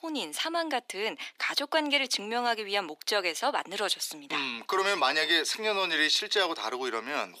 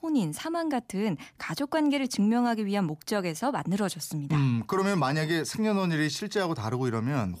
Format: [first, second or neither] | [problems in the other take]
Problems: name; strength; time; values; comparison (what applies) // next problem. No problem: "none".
second | thin; very; fading below 350 Hz